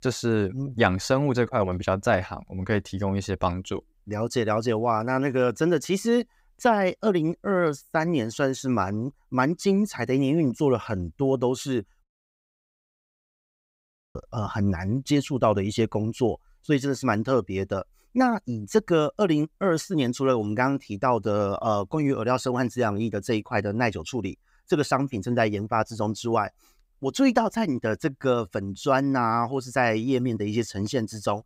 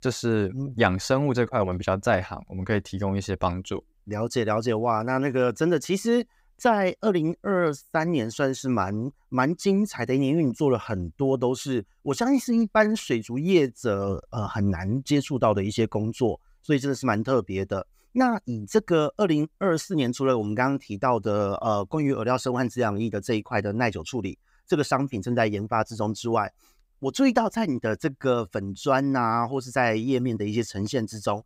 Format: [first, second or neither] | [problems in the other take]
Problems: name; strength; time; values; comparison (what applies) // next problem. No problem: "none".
second | audio cutting out; at 12 s for 2 s